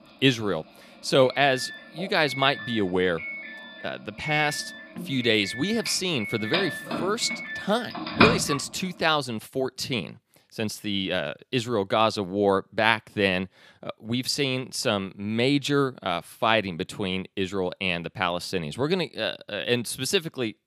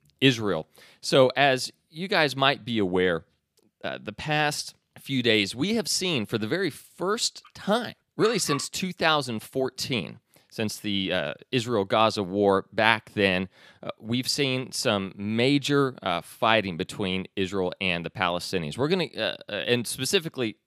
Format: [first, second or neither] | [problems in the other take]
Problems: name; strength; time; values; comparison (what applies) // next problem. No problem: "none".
second | doorbell; loud; from 2 to 8.5 s; peak 6 dB above the speech